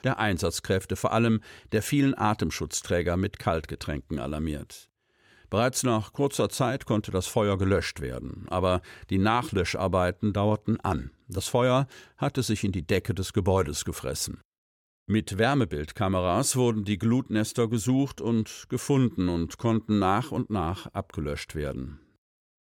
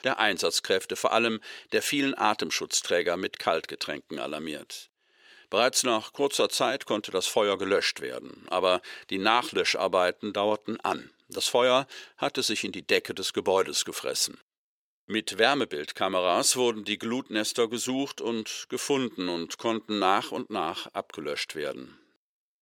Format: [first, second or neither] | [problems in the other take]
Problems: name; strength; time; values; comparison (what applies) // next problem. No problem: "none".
first | thin; somewhat; fading below 400 Hz